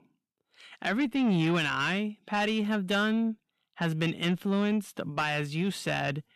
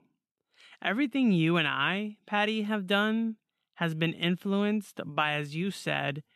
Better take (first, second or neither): second